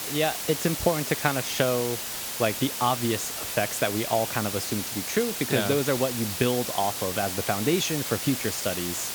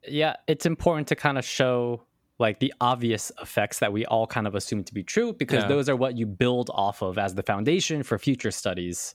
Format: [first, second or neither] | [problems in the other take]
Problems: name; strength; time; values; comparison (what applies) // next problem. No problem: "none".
second | hiss; loud; throughout; 3 dB below the speech